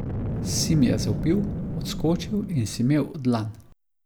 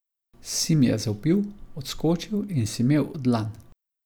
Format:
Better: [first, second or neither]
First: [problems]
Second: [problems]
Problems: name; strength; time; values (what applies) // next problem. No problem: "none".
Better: second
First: background sound (Boom); 5 dB below the speech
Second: none